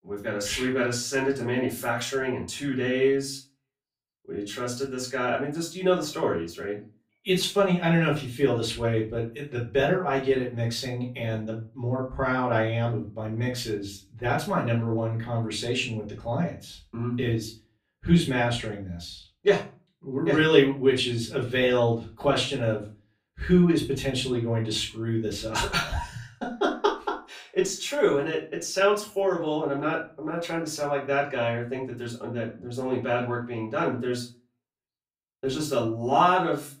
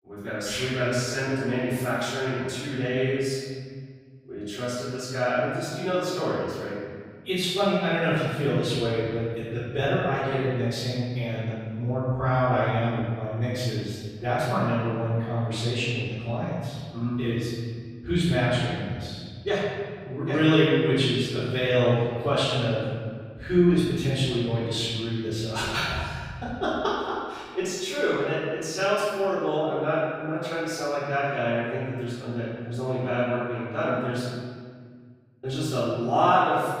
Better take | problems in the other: first | room echo; strong; dies away in 1.9 s; slight in the first // off-mic speech; far; far in the first

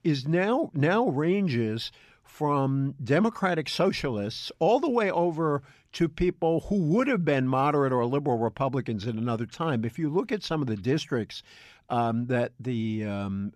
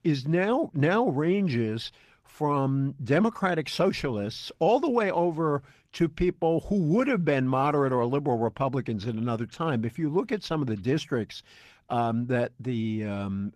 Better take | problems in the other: first | garbled, watery; slightly; nothing above 14.5 kHz

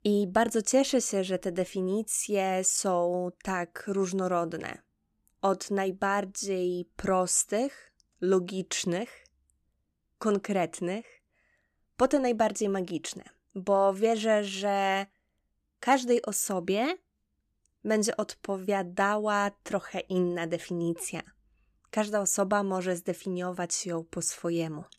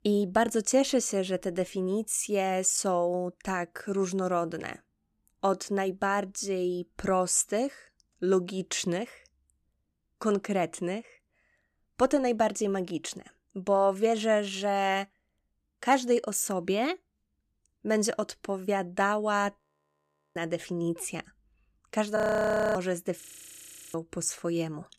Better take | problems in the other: first | audio freezing; at 20 s for 1 s, at 22 s for 0.5 s and at 23 s for 0.5 s

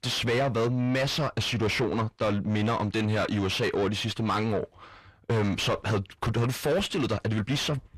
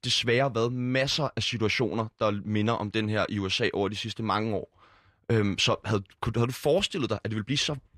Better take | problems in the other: second | distortion; heavy; 7 dB below the speech

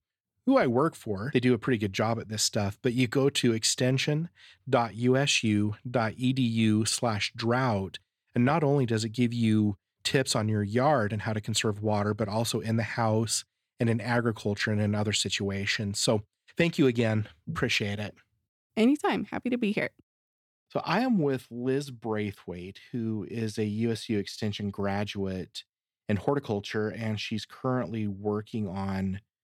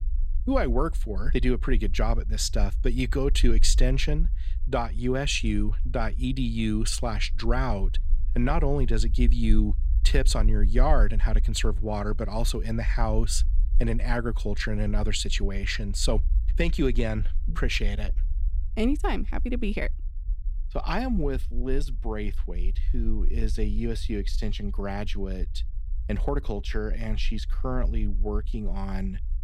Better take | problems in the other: first | low rumble; faint; throughout; 20 dB below the speech

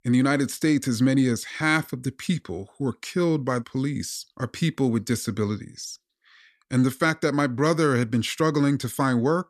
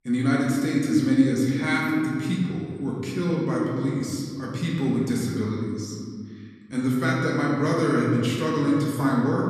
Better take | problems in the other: first | room echo; noticeable; dies away in 2.1 s // off-mic speech; far

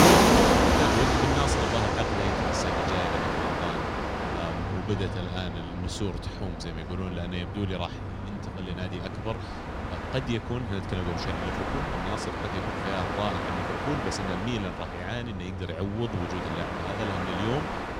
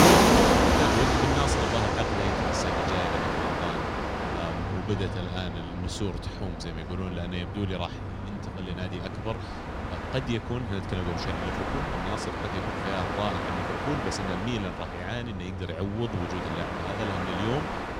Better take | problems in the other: neither | train or aircraft noise; very loud; throughout; 5 dB above the speech; the same in both

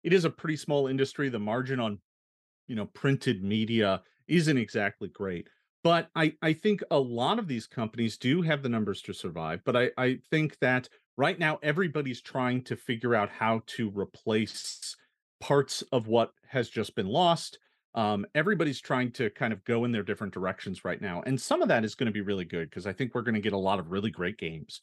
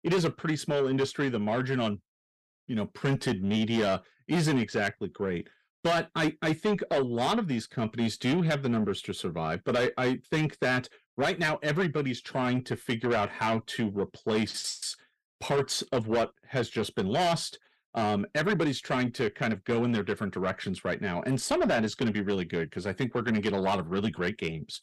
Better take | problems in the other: first | distortion; heavy; 8 dB below the speech

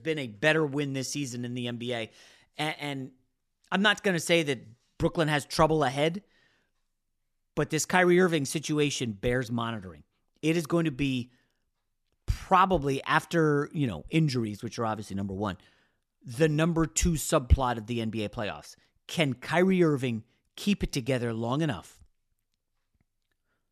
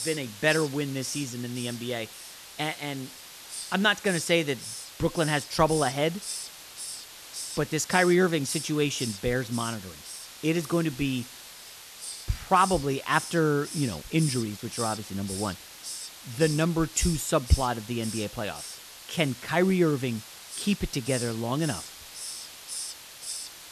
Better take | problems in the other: first | hiss; loud; throughout; 10 dB below the speech

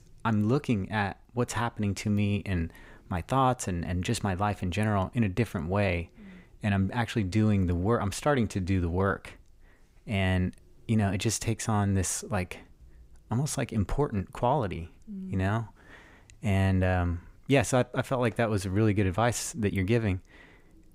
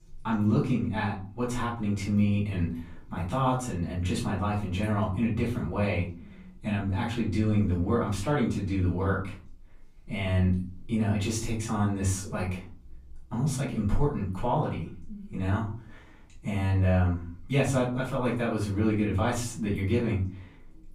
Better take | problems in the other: first | room echo; slight; dies away in 0.4 s // off-mic speech; far

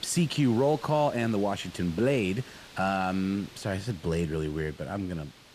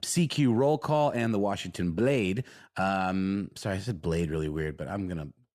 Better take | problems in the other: second | hiss; noticeable; throughout; 20 dB below the speech

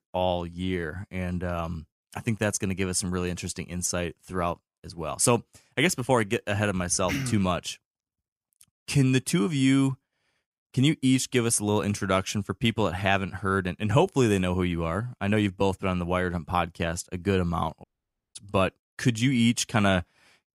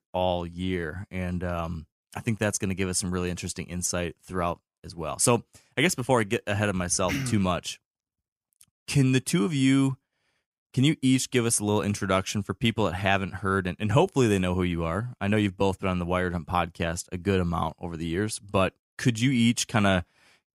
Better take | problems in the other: second | audio cutting out; at 18 s for 0.5 s

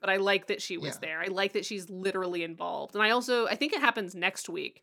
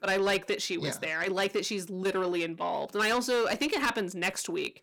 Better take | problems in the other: first | distortion; heavy; 8 dB below the speech

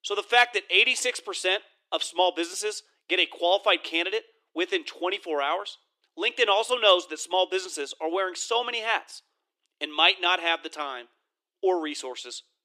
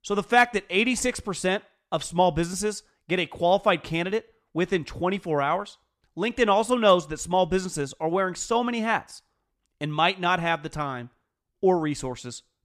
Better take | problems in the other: second | thin; very; fading below 300 Hz

